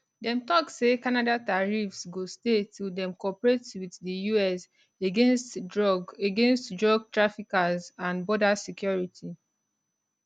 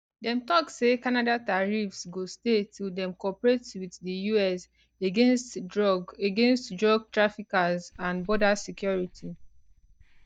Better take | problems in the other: first | noise reduction (neural mask model DeepFilterNet 3)

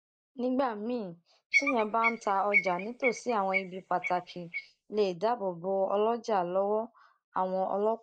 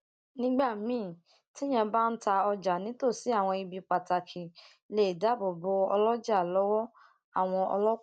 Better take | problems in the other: second | noise reduction (neural mask model Resemble Enhance denoiser)

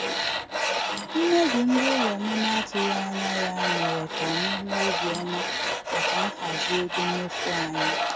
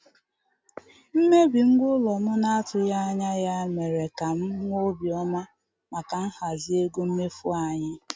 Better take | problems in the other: second | background sound (Tools); 1 dB above the speech

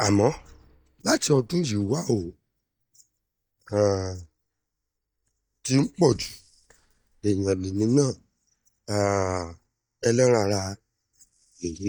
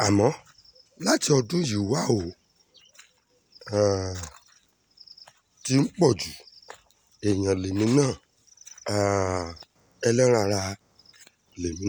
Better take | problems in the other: second | noise reduction (neural mask model DeepFilterNet 3)

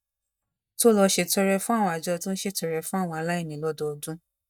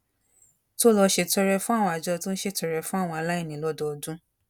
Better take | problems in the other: second | noise reduction (neural mask model DeepFilterNet 3)

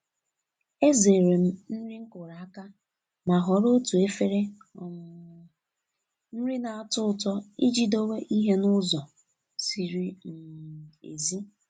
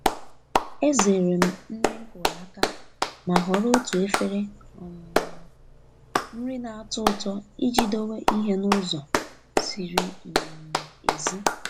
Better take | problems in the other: first | background sound (Clapping); 1 dB below the speech

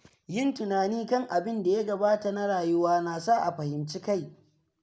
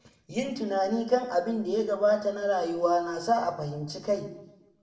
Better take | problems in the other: first | room echo; dies away in 0.6 s

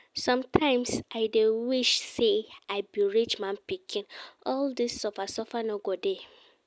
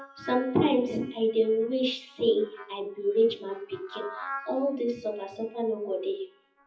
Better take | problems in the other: first | noise reduction (classical method WPE with log-MMSE)

